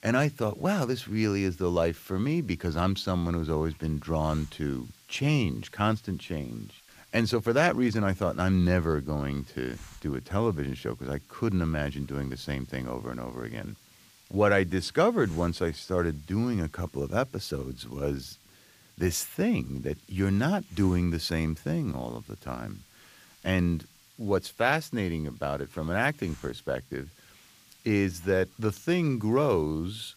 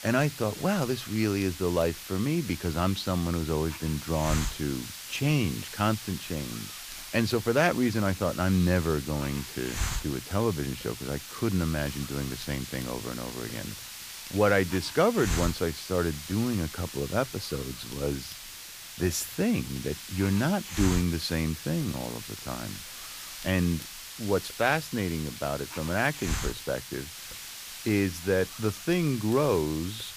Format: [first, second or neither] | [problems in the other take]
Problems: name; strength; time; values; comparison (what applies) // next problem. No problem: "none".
first | hiss; loud; throughout; 9 dB below the speech; faint in the first